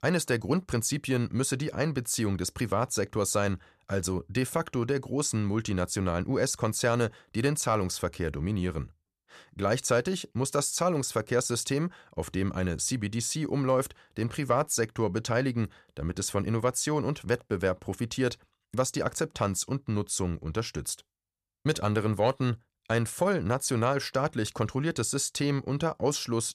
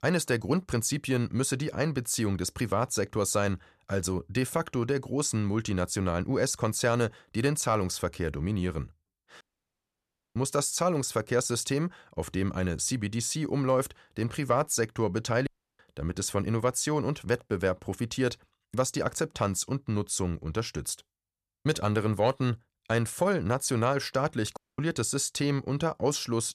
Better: first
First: none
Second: audio cutting out; at 9.5 s for 1 s, at 15 s and at 25 s

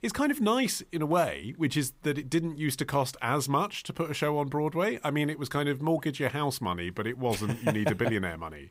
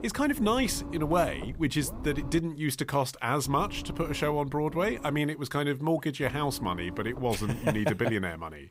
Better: first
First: none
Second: low rumble; noticeable; until 2.5 s, from 3.5 to 5 s and from 6 to 8 s; 15 dB below the speech

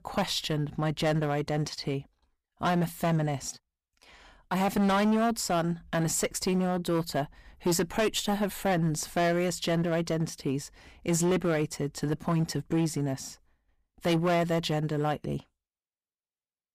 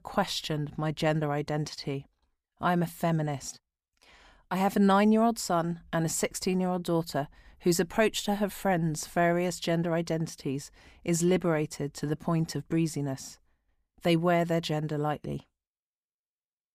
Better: second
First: distortion; slight; 8% of the sound clipped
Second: none

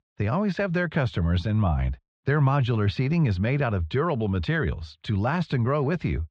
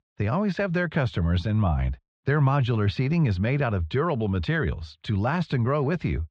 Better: neither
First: muffled; very; fading above 3.5 kHz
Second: muffled; very; fading above 3.5 kHz

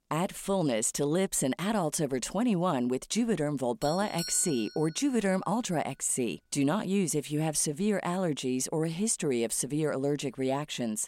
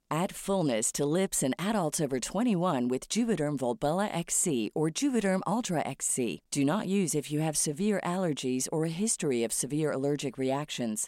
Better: second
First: doorbell; noticeable; from 4 to 5 s; peak 7 dB below the speech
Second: none

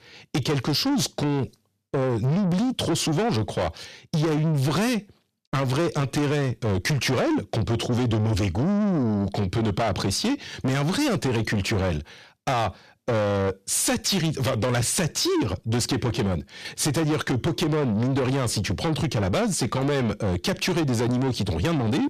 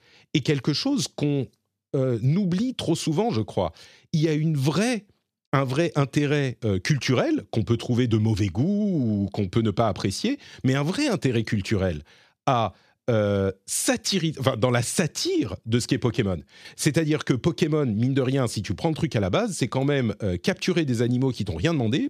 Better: second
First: distortion; heavy; 6 dB below the speech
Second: none

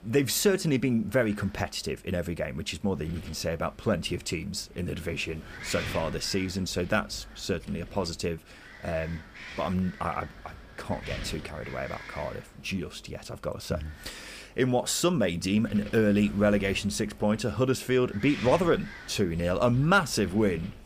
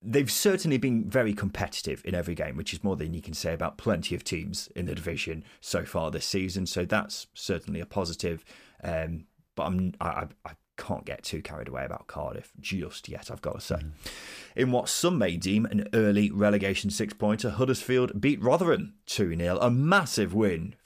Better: second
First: wind noise on the microphone; occasional gusts; 15 dB below the speech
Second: none

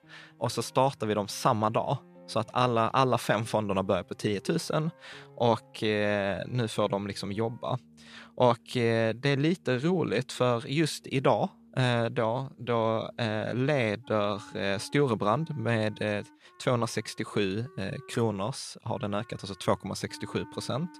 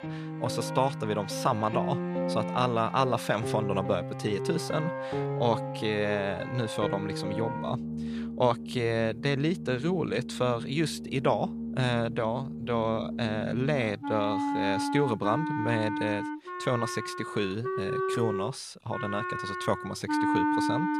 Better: first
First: background music; faint; throughout; 25 dB below the speech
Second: background music; loud; throughout; 3 dB below the speech

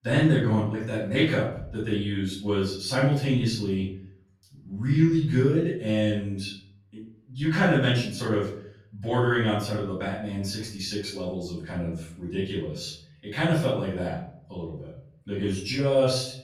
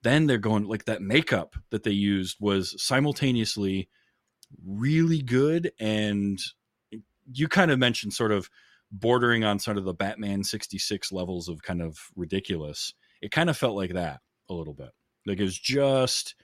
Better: second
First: room echo; noticeable; dies away in 0.6 s // off-mic speech; far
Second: none

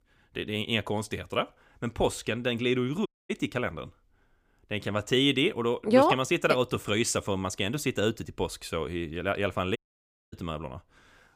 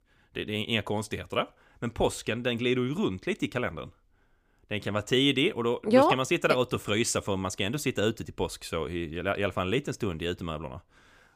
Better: second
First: audio cutting out; at 3 s and at 10 s for 0.5 s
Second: none

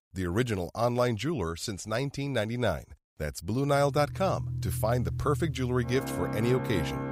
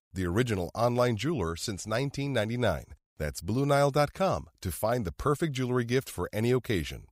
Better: second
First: background music; loud; from 4.5 s on; 5 dB below the speech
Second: none

